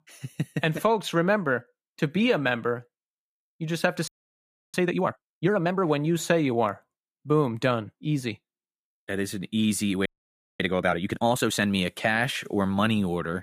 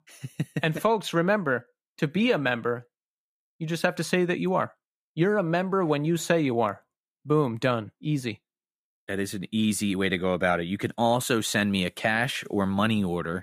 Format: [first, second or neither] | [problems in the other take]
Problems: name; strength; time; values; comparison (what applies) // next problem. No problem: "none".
second | audio freezing; at 4 s for 0.5 s and at 10 s for 0.5 s